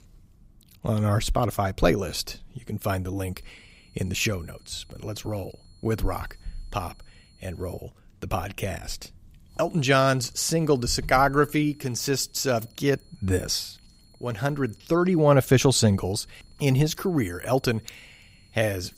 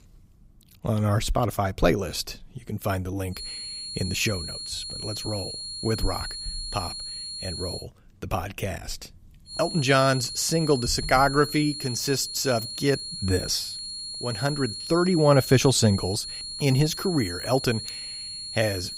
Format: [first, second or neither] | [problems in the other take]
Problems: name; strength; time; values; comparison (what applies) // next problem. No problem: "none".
first | high-pitched whine; loud; from 3.5 to 8 s and from 9.5 s on; 4.5 kHz, 7 dB below the speech; faint in the first